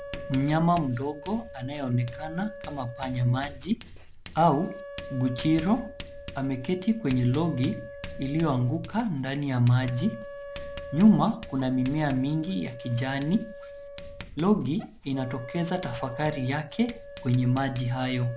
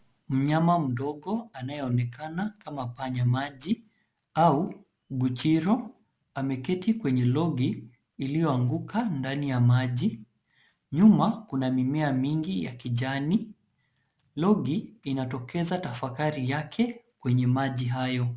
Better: second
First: background sound (Wind instrument, woodwind instrument + Writing); 13 dB below the speech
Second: none

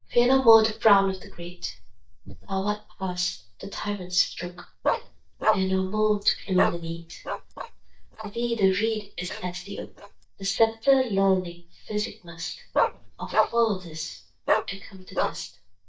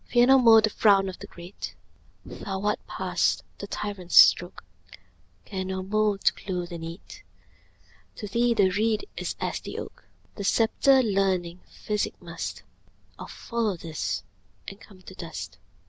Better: second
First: noise reduction (neural mask model DeepFilterNet 3)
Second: none

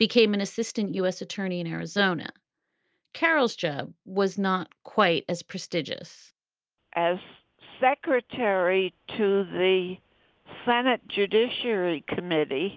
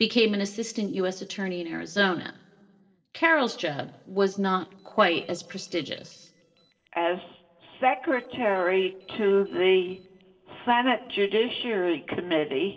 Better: first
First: none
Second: noise reduction (neural separator model SepFormer DNS4)

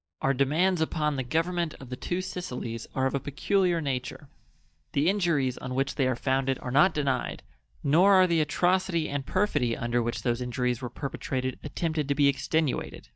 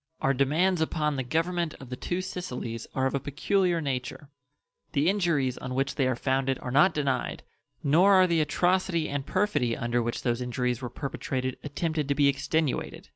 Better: second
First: noise reduction (neural mask model DeepFilterNet 3)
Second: none

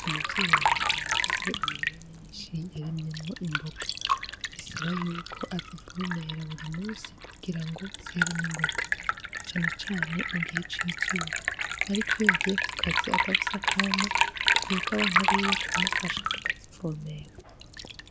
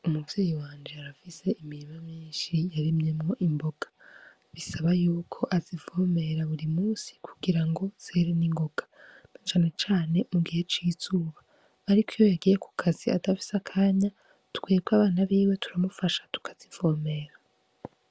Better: second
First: background sound (Liquid); 5 dB above the speech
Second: none

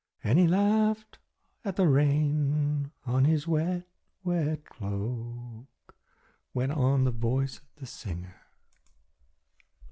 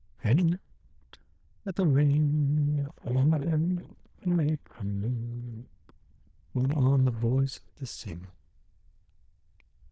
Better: first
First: none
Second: noise reduction (neural diffusion model UNIVERSE++)

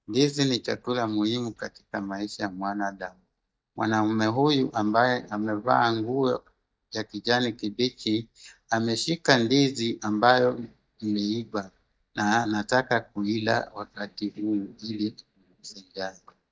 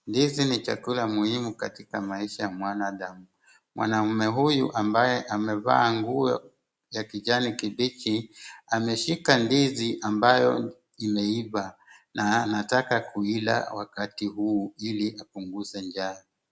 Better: second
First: noise reduction (neural mask model DeepFilterNet 3)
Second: none

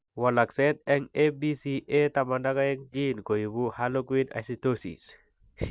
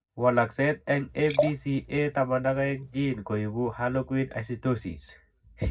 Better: first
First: none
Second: background sound (Liquid); 6 dB below the speech // room echo; dies away in 0.4 s

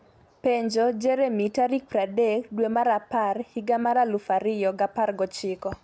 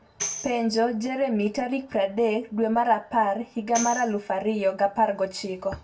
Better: first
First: none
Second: background sound (Tambourine); 12 dB below the speech // room echo; dies away in 0.2 s

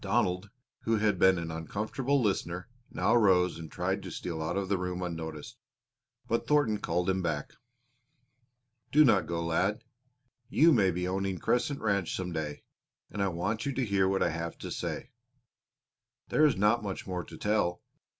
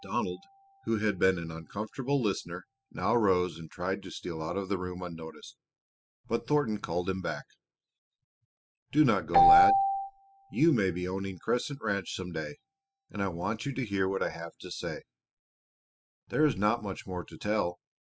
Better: first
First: none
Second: noise reduction (classical method spectral subtraction)

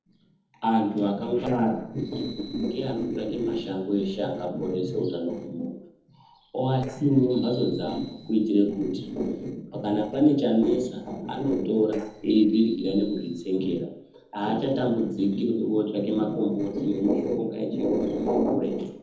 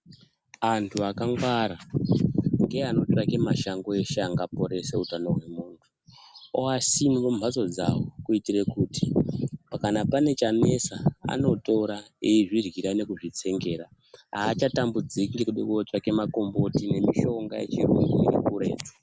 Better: second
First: noise reduction (neural separator model SepFormer DNS4)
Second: none

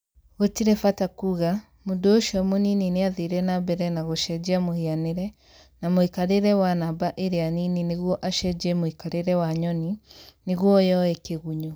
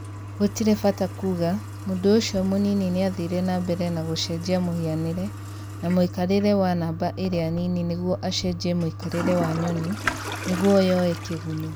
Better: first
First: none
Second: background sound (Toilet flush); 9 dB below the speech

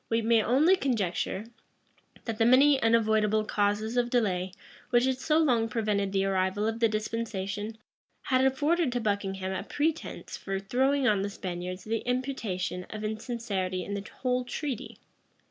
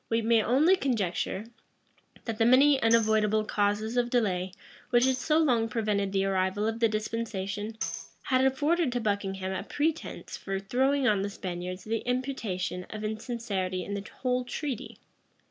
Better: first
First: none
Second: background sound (Tambourine); 14 dB below the speech

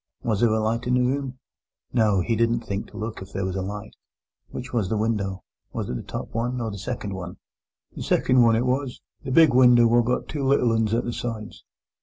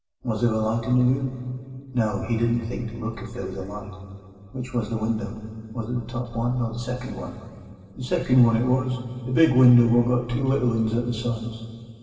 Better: first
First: none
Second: room echo; dies away in 2.3 s

